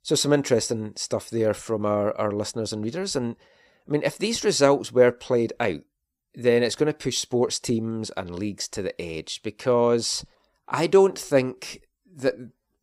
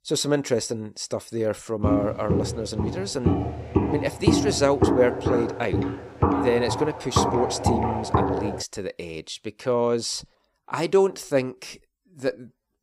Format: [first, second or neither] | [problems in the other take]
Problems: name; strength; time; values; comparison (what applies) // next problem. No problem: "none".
first | footsteps; loud; from 2 to 8.5 s; peak 4 dB above the speech